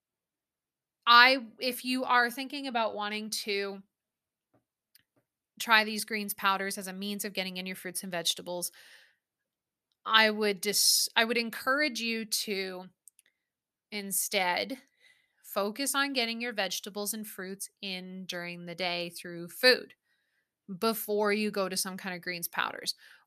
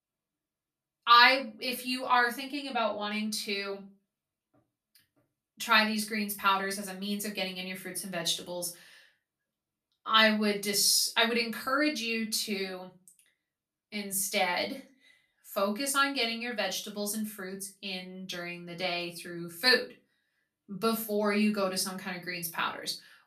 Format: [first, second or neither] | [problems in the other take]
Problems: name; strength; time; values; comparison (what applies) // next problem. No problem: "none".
first | off-mic speech; far // room echo; very slight; dies away in 0.2 s